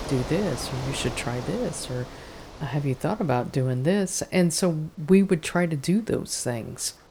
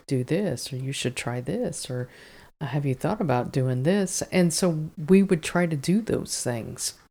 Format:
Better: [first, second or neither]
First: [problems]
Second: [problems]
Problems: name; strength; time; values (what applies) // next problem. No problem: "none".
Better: second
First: traffic noise; noticeable; throughout; 10 dB below the speech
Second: none